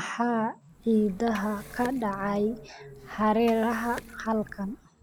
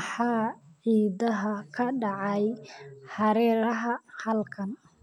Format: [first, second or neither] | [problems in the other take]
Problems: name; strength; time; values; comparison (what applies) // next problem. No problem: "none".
second | background sound (Liquid); 18 dB below the speech